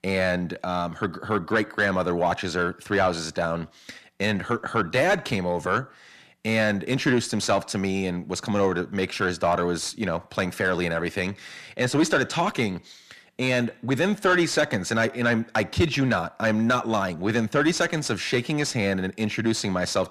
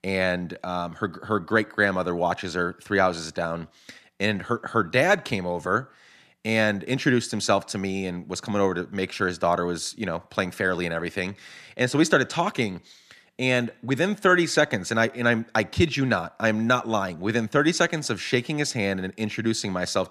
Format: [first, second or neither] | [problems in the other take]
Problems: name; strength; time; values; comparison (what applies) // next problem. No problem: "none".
second | distortion; slight; 10 dB below the speech